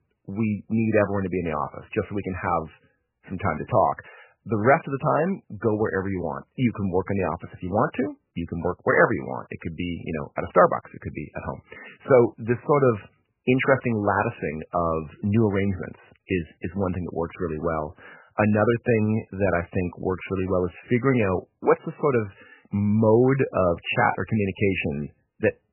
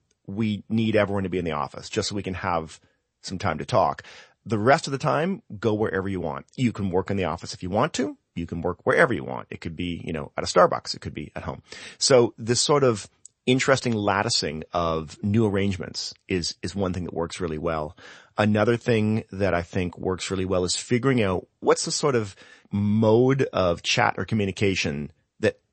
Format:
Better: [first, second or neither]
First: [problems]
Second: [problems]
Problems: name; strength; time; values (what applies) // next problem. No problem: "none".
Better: second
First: garbled, watery; badly; nothing above 3 kHz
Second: garbled, watery; slightly; nothing above 8 kHz